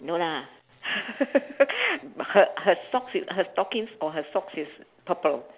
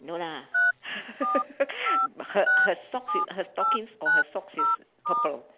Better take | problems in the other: first | background sound (Telephone); 5 dB above the speech

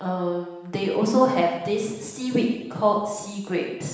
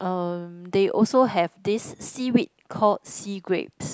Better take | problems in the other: second | room echo; dies away in 0.9 s

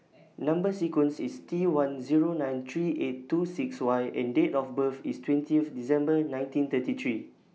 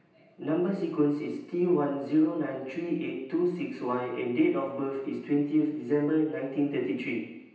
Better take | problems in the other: first | room echo; dies away in 0.9 s

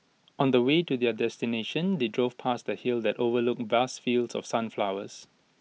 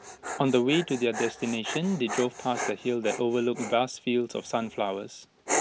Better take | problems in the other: first | background sound (Dog); 8 dB below the speech

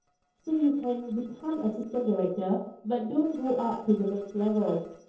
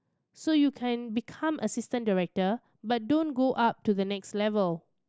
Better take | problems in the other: second | noise reduction (neural separator model SepFormer DNS4)

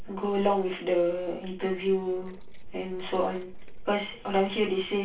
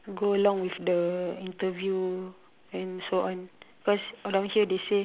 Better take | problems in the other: second | noise reduction (neural separator model SepFormer DNS4)

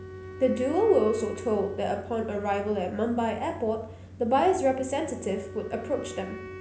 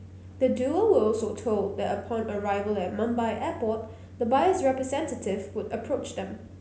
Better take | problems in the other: second | background sound (Wind instrument, woodwind instrument); 17 dB below the speech

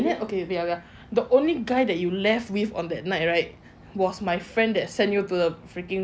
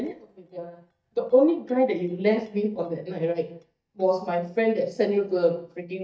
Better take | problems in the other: first | noise reduction (neural mask model DeepFilterNet 3)

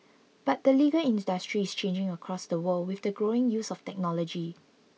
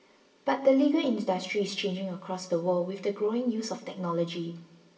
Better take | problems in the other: first | room echo; dies away in 0.6 s

